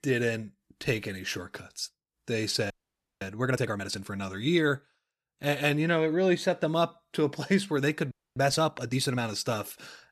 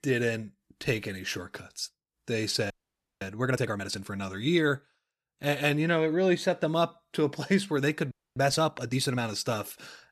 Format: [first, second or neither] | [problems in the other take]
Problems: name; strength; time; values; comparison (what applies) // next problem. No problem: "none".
neither | audio freezing; at 2.5 s for 0.5 s and at 8 s; the same in both